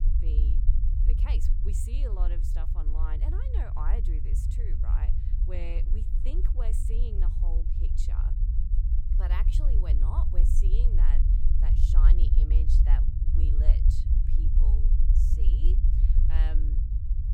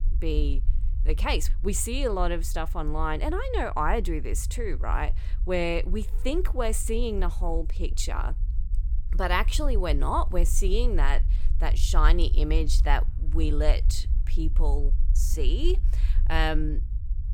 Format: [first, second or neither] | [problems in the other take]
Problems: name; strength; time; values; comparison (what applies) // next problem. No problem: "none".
second | low rumble; loud; throughout; 1 dB below the speech; faint in the second